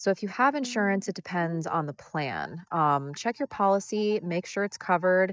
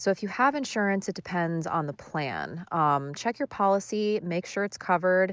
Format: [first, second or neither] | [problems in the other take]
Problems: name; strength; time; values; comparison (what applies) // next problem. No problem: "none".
second | noise reduction (neural mask model DeepFilterNet 3)